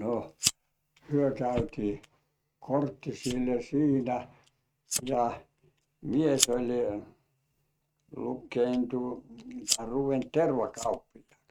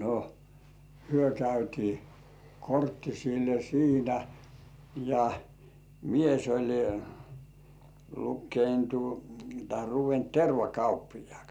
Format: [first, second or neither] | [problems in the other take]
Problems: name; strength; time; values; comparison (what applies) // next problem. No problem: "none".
second | noise reduction (neural mask model RNNoise)